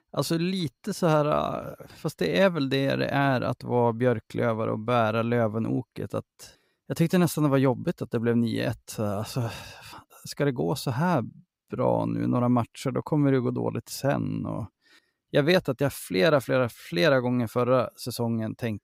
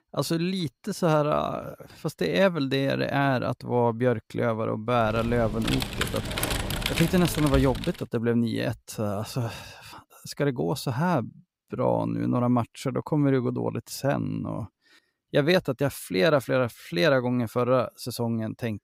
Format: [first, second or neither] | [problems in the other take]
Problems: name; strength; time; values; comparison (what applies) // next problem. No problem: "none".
first | keyboard typing; noticeable; from 5 to 8 s; peak 1 dB below the speech